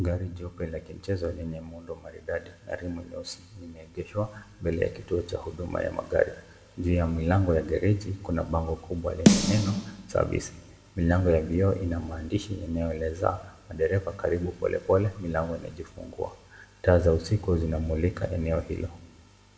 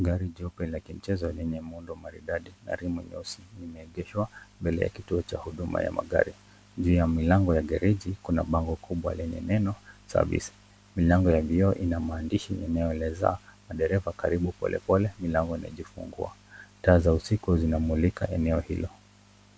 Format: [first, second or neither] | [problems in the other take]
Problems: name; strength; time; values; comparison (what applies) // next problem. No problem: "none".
second | background sound (Snare drum); 2 dB above the speech // room echo; dies away in 0.8 s